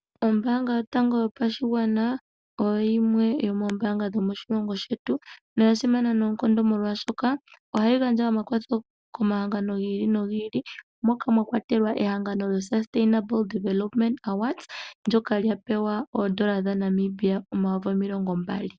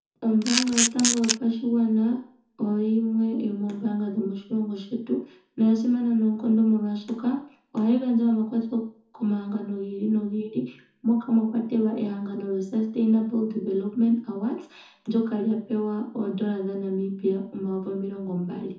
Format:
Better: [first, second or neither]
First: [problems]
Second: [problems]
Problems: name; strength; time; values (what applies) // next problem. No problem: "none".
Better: first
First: none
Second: background sound (Camera); as loud as the speech // room echo; dies away in 0.5 s